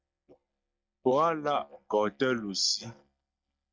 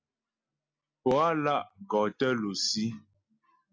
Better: second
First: noise reduction (neural mask model DeepFilterNet 3)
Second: none

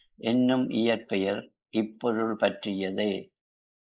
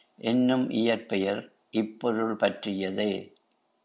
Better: second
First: noise reduction (neural mask model Resemble Enhance denoiser)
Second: none

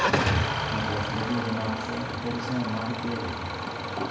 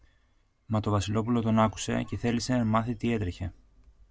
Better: second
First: background sound (Idling / Engine starting); 4 dB above the speech // room echo; dies away in 1 s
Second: none

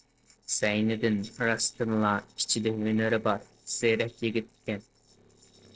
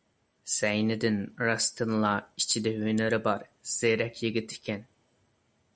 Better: second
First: noise reduction (neural separator model SepFormer DNS4)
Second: none

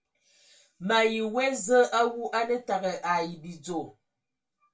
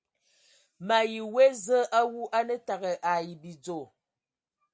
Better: second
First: room echo; dies away in 0.2 s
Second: none

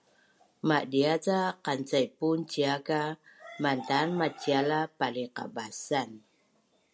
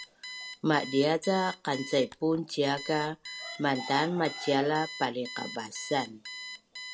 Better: first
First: none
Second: background sound (Alarm); 13 dB below the speech

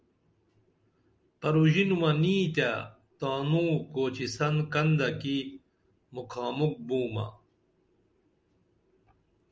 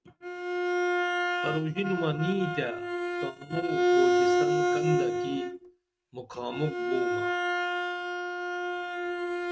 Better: first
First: none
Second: noise reduction (neural mask model RNNoise)

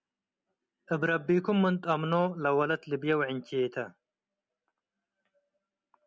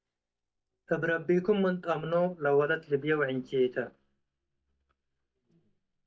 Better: first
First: none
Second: noise reduction (neural mask model DeepFilterNet 3)

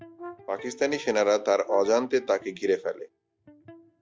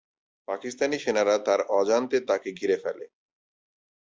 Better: second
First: background sound (Brass instrument + Electric guitar); 19 dB below the speech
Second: none

